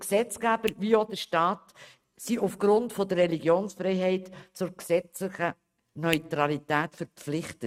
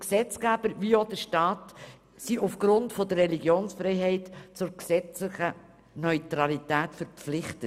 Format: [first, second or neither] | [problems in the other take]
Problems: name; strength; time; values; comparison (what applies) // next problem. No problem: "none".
second | noise reduction (neural mask model RNNoise)